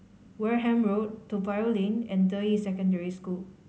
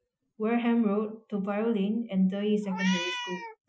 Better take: first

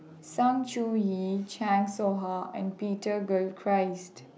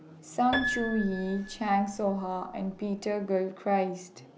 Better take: first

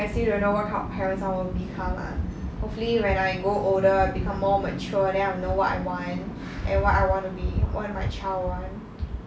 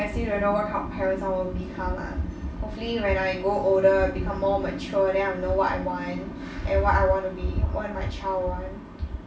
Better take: first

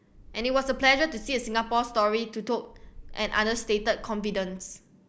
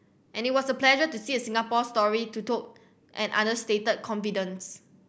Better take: second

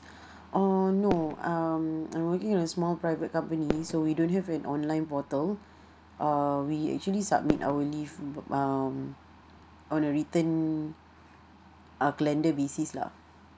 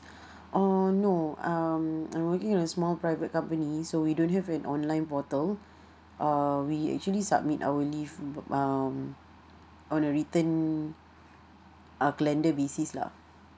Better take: second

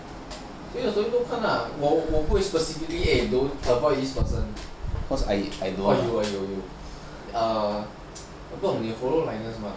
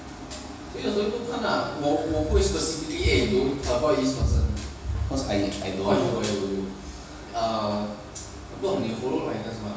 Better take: first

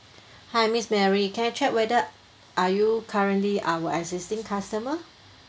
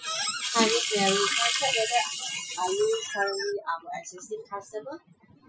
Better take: first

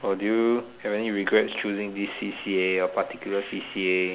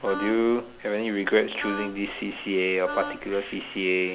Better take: first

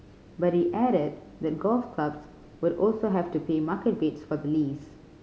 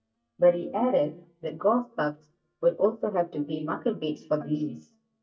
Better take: first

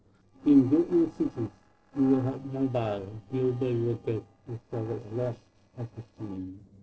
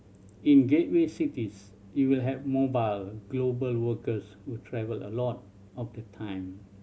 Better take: second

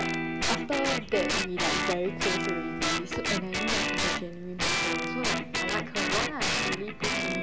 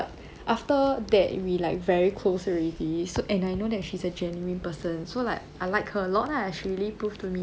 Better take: second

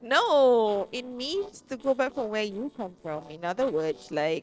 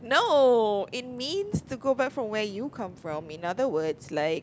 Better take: second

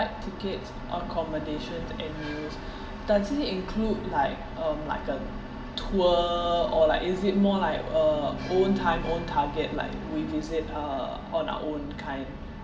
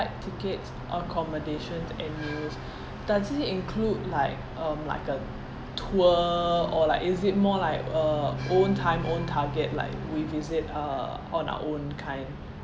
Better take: second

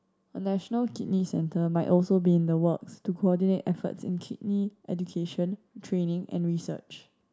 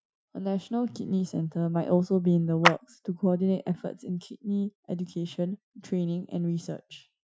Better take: first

